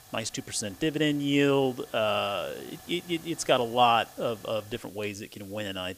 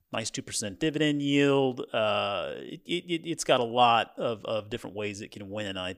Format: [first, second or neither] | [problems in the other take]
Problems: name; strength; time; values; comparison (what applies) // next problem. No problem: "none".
second | hiss; faint; throughout; 20 dB below the speech